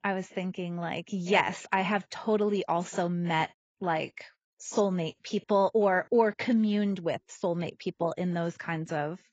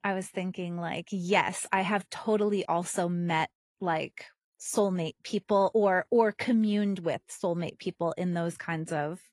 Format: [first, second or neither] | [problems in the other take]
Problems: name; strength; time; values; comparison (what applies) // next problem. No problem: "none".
second | garbled, watery; badly; nothing above 7.5 kHz; slightly in the second